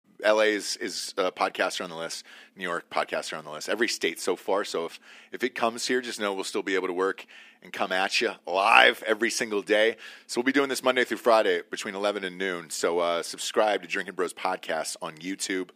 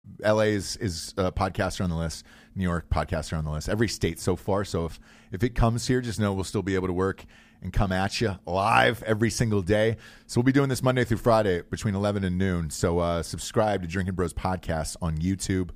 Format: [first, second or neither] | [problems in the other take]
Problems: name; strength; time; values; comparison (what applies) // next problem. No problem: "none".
second | thin; somewhat; fading below 300 Hz